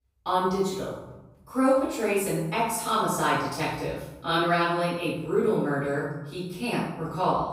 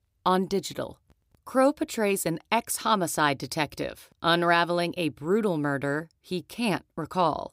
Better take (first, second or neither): second